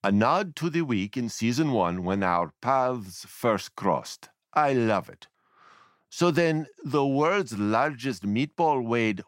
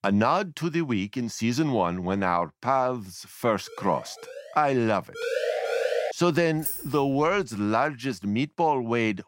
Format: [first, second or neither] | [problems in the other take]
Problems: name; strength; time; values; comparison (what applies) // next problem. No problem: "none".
first | siren; faint; at 3.5 s; peak 15 dB below the speech // siren; noticeable; at 5 s; peak level with the speech // jangling keys; noticeable; at 6.5 s; peak 4 dB below the speech